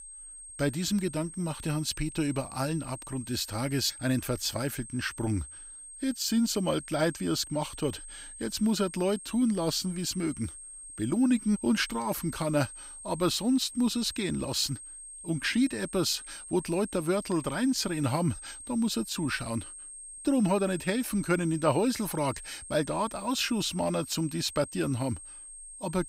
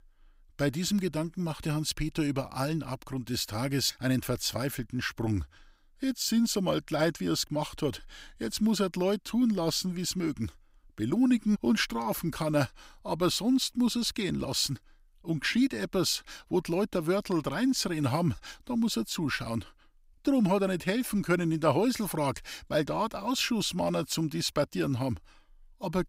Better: second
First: high-pitched whine; noticeable; throughout; 8.5 kHz, 15 dB below the speech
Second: none

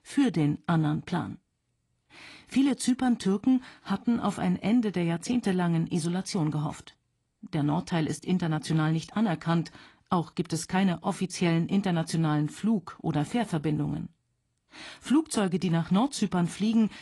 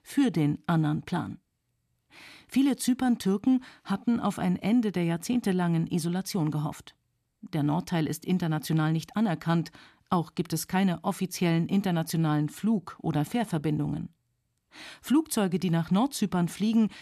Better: second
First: garbled, watery; slightly; nothing above 10.5 kHz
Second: none

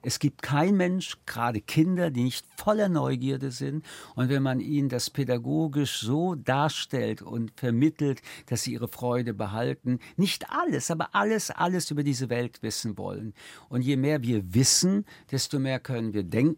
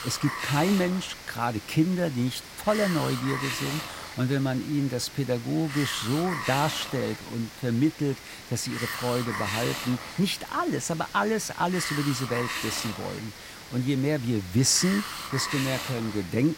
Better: first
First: none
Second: hiss; loud; throughout; 7 dB below the speech

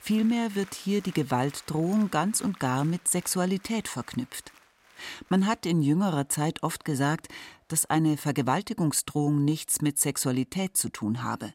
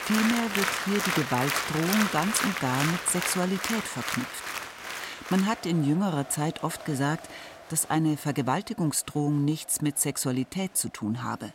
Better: first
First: crowd noise; faint; throughout; 25 dB below the speech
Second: crowd noise; loud; throughout; 2 dB below the speech

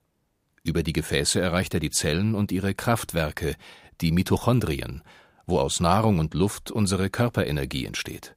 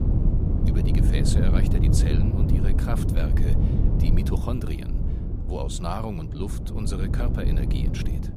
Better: first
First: none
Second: low rumble; loud; throughout; as loud as the speech

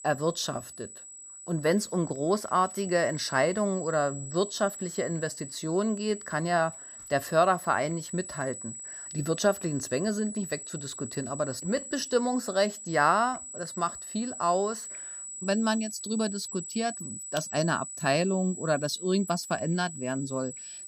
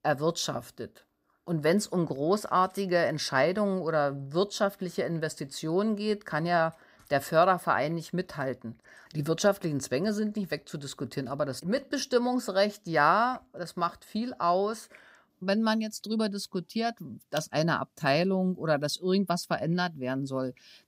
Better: second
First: high-pitched whine; loud; throughout; 8 kHz, 10 dB below the speech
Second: none

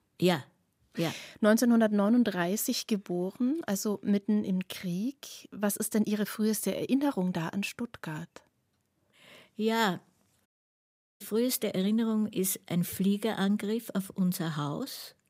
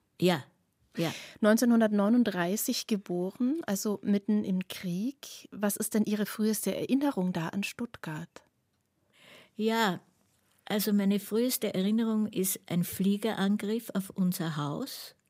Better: second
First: audio cutting out; at 10 s for 0.5 s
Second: none

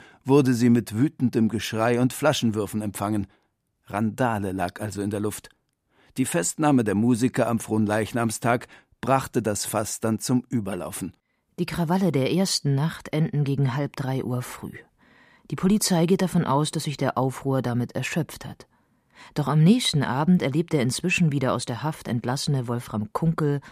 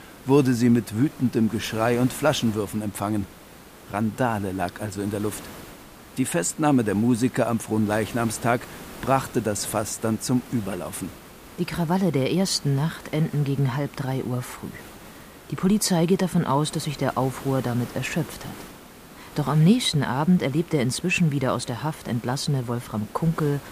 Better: first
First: none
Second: hiss; noticeable; throughout; 20 dB below the speech

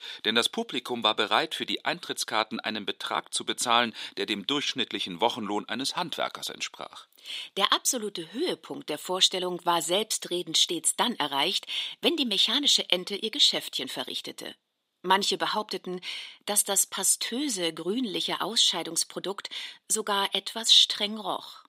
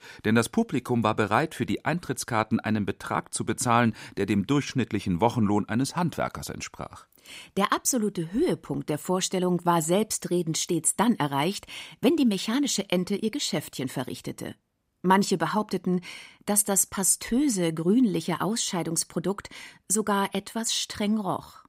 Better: second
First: thin; somewhat; fading below 350 Hz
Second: none

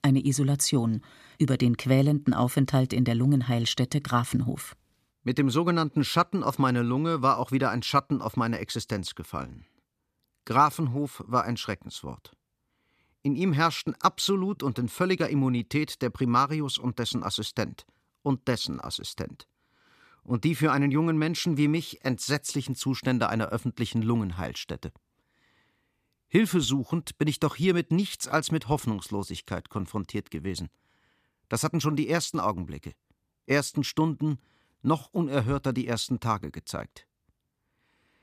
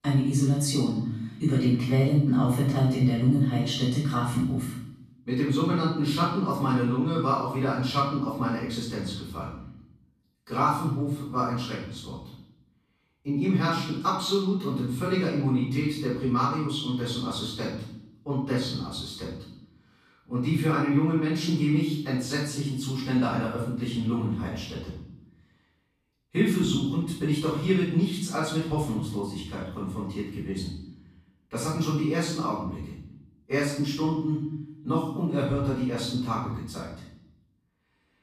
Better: first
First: none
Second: room echo; noticeable; dies away in 0.7 s // off-mic speech; far

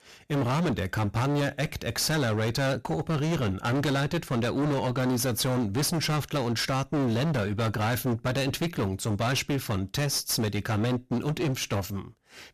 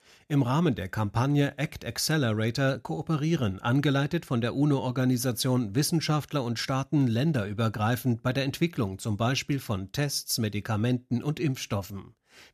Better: second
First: distortion; heavy; 31% of the sound clipped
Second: none

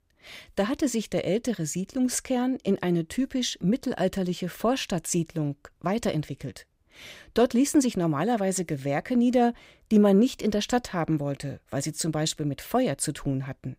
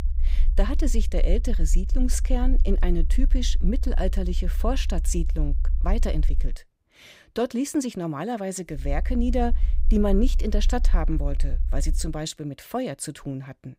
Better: first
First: none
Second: low rumble; noticeable; until 6.5 s and from 9 to 12 s; 20 dB below the speech

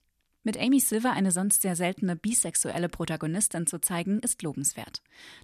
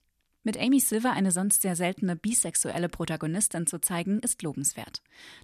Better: neither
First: none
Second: none

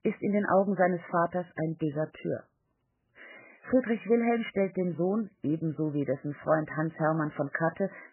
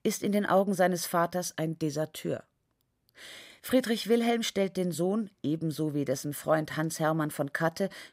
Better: second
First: garbled, watery; badly; nothing above 3 kHz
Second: none

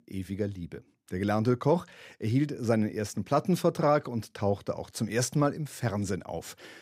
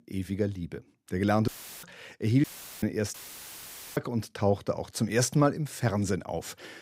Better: first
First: none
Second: audio cutting out; filled with static; at 1.5 s, at 2.5 s and at 3 s for 1 s

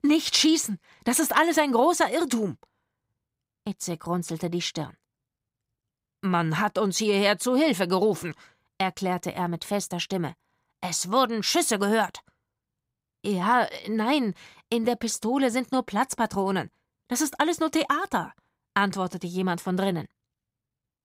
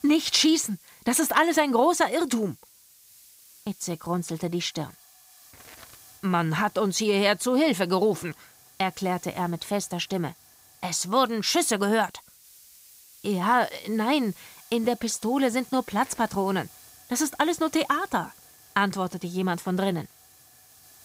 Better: first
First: none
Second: hiss; faint; throughout; 25 dB below the speech

